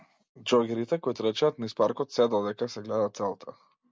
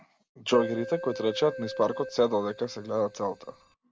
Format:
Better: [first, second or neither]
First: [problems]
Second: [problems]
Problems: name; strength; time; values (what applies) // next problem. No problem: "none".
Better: first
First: none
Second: background sound (Keyboard (musical)); 10 dB below the speech